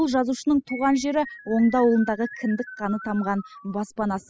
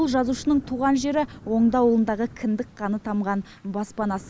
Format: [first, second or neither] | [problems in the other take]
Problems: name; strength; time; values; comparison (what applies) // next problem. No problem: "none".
second | noise reduction (classical method spectral subtraction)